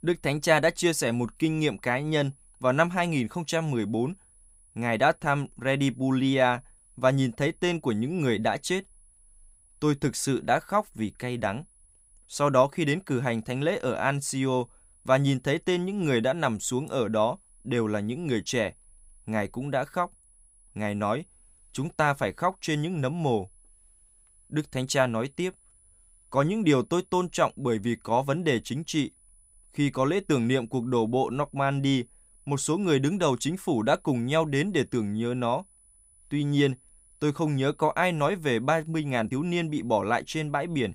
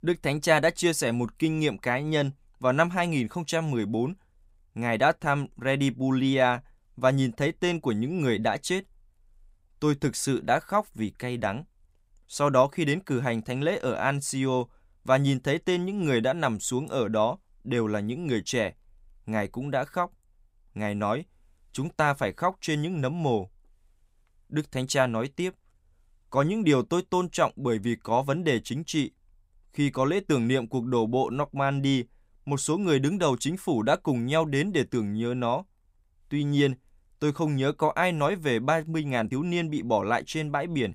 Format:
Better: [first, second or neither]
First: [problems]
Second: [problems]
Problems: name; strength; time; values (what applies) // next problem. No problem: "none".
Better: second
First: high-pitched whine; faint; throughout; 10 kHz, 30 dB below the speech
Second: none